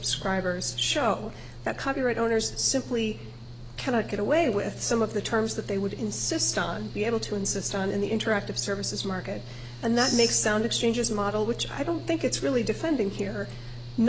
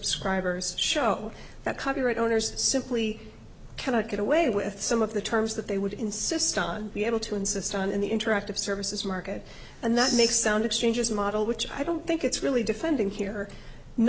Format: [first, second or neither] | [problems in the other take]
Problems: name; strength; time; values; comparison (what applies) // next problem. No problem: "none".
second | background sound (Mechanical fan / Engine); 14 dB below the speech